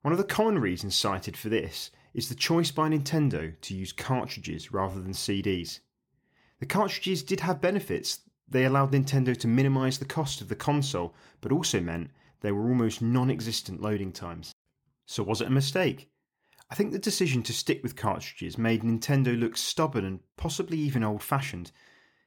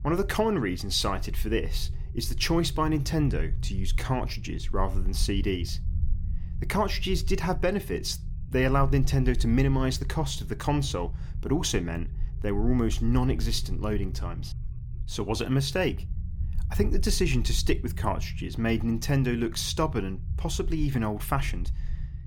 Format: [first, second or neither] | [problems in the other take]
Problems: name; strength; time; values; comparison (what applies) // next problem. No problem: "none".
first | low rumble; faint; throughout; 20 dB below the speech